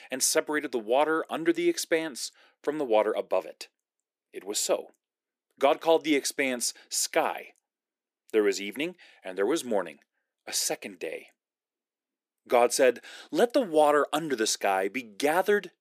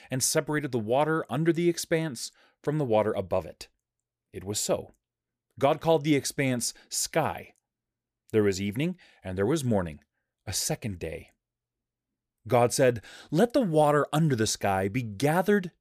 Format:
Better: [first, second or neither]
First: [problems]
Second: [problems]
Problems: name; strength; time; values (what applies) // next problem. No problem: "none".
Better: second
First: thin; somewhat; fading below 300 Hz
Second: none